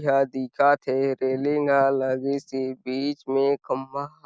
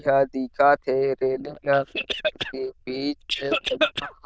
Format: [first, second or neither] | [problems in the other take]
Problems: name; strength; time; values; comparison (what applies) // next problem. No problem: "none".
first | noise reduction (neural diffusion model UNIVERSE++)